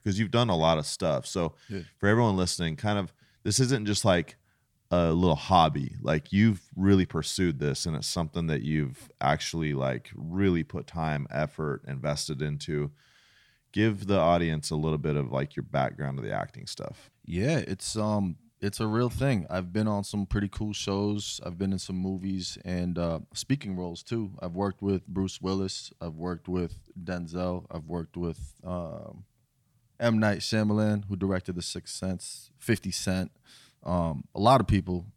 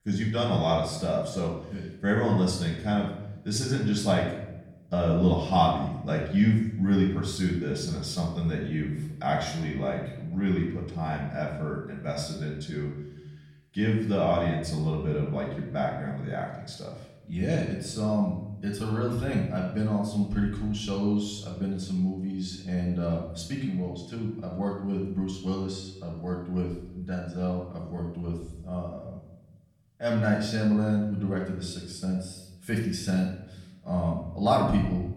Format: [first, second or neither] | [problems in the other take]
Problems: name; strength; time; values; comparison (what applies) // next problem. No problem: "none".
first | room echo; noticeable; dies away in 0.8 s // off-mic speech; far